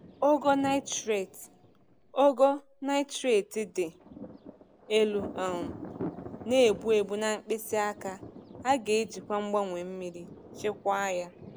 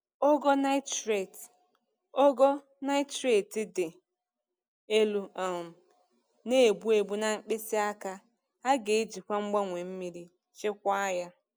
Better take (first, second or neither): second